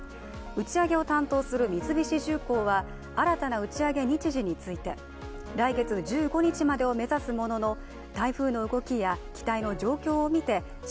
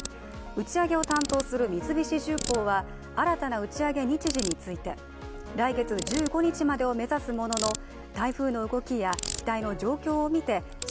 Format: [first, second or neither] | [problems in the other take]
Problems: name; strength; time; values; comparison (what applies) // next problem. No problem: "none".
first | background sound (Ratchet, pawl); 11 dB below the speech